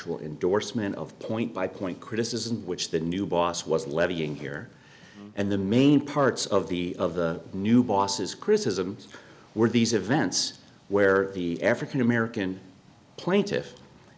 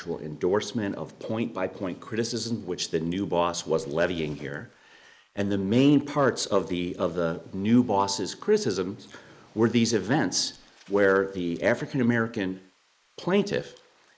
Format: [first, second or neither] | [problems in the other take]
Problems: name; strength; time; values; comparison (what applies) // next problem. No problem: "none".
first | noise reduction (neural mask model Resemble Enhance denoiser)